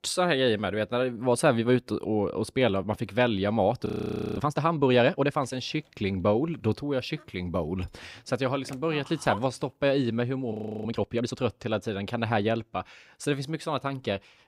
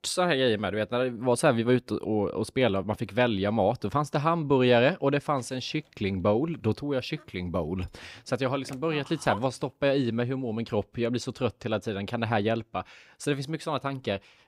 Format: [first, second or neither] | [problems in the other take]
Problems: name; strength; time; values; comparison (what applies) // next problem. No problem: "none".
second | audio freezing; at 4 s for 0.5 s and at 11 s